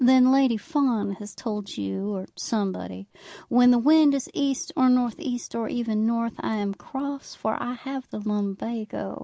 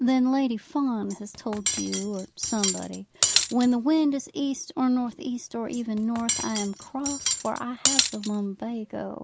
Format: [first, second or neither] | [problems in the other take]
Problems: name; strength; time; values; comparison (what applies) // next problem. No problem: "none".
first | background sound (Cutlery, silverware); 3 dB below the speech